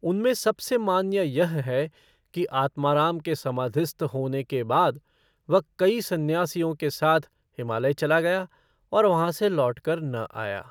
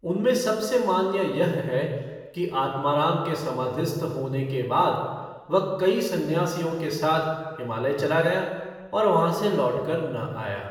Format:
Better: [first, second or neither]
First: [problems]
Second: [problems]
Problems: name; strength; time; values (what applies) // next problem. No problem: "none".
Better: first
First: none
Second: room echo; dies away in 1.2 s